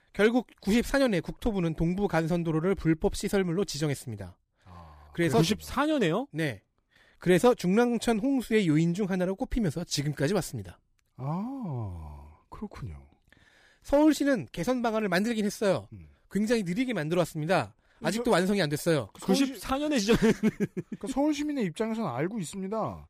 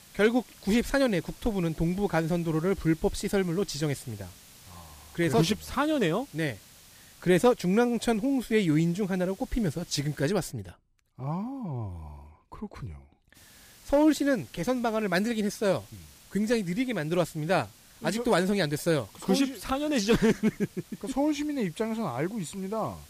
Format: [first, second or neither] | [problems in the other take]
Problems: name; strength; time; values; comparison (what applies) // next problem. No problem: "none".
first | hiss; faint; until 10 s and from 13 s on; 25 dB below the speech